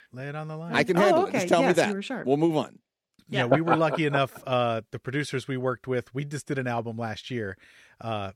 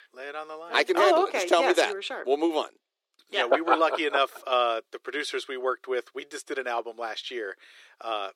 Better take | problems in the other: first | thin; very; fading below 350 Hz

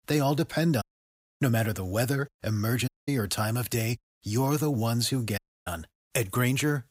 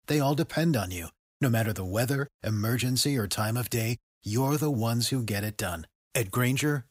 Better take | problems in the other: second | audio cutting out; at 1 s, at 3 s and at 5.5 s

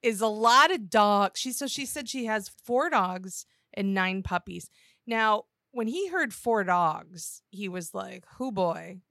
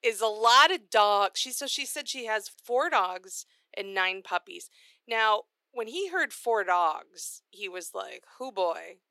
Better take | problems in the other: first | thin; very; fading below 350 Hz

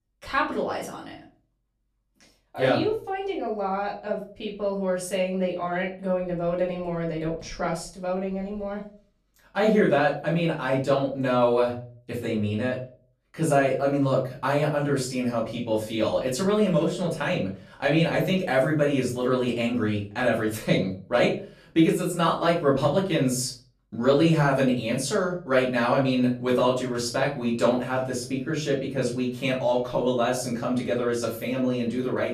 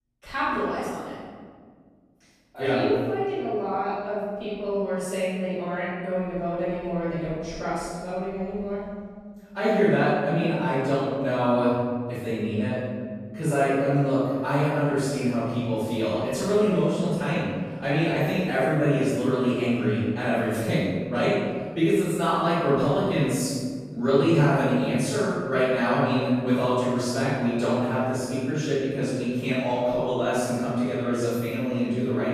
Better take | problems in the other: first | room echo; strong; dies away in 1.6 s; slight in the first // off-mic speech; far; far in the first

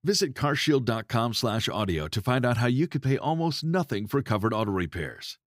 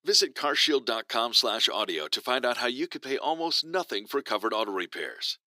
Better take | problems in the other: first | thin; very; fading below 350 Hz

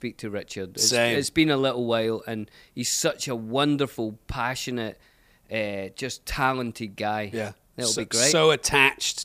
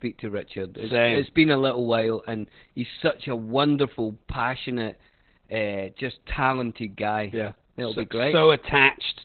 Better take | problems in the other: first | garbled, watery; badly; nothing above 4 kHz

